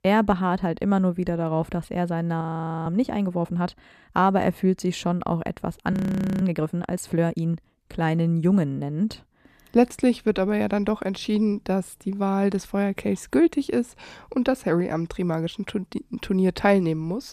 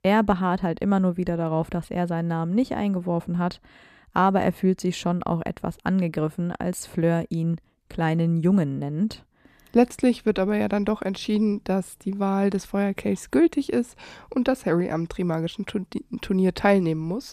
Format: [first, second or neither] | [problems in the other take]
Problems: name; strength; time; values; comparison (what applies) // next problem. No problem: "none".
second | audio freezing; at 2.5 s and at 6 s